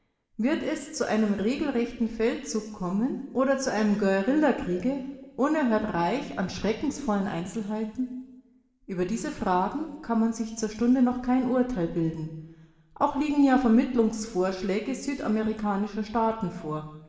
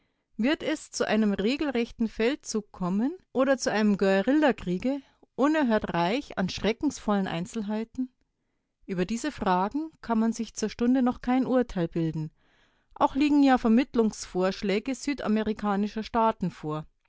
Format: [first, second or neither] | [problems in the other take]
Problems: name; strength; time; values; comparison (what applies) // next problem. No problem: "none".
second | room echo; dies away in 1.2 s